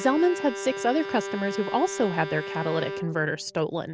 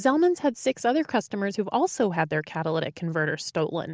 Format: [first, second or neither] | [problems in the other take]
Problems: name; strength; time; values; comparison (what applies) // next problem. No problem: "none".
second | background sound (Bowed string instrument); 9 dB below the speech